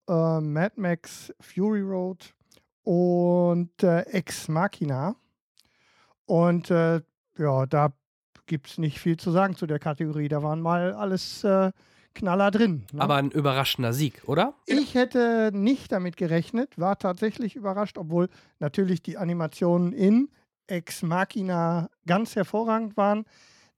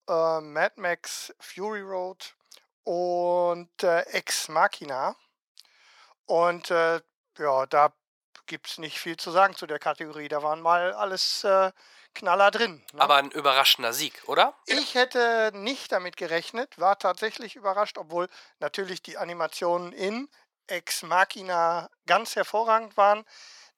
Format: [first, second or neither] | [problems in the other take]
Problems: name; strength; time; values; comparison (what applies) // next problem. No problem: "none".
first | thin; very; fading below 800 Hz